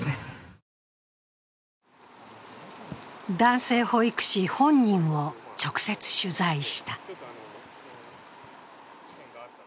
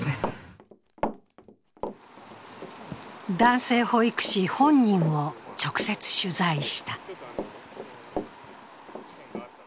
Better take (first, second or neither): first